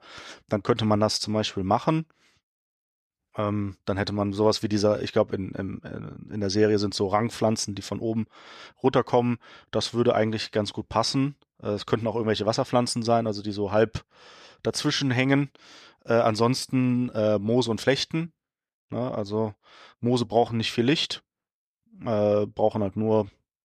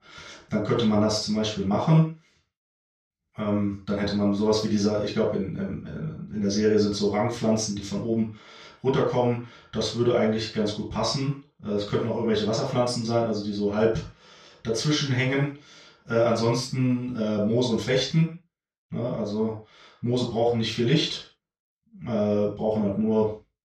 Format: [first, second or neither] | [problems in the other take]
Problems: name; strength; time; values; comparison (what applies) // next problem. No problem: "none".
first | room echo; noticeable; dies away in 0.3 s // off-mic speech; far